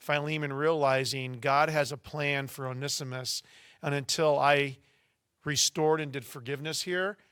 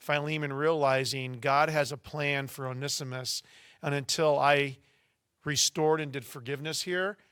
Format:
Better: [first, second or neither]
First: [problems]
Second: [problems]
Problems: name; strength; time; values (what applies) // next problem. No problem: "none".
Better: neither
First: none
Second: none